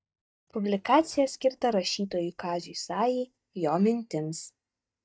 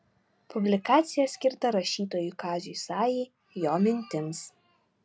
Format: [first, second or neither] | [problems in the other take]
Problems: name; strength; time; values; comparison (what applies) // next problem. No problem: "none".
second | noise reduction (neural mask model DeepFilterNet 3)